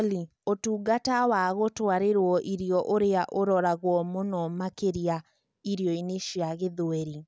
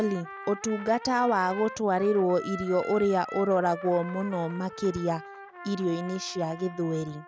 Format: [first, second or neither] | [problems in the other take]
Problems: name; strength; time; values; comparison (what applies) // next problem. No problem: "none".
first | background sound (Trumpet); 14 dB below the speech